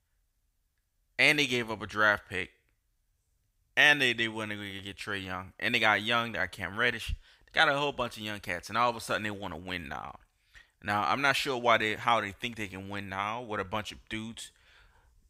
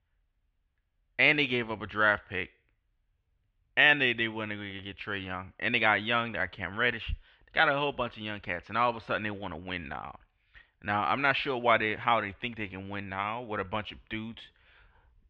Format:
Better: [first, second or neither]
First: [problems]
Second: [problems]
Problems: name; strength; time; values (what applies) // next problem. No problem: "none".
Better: first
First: none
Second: muffled; slightly; fading above 3 kHz